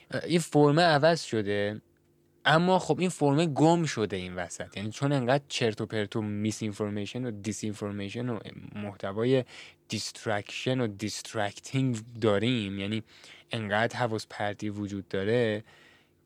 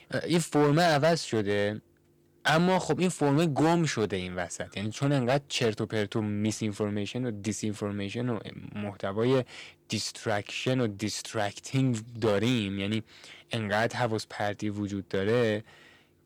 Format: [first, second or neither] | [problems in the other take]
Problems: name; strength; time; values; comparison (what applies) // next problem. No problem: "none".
first | distortion; slight; 5% of the sound clipped